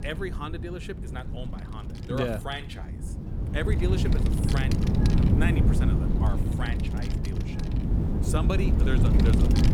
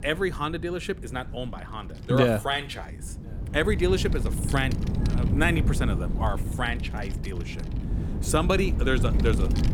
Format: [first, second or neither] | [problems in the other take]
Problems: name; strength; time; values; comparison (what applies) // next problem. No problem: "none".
second | wind noise on the microphone; heavy; as loud as the speech; occasional gusts in the second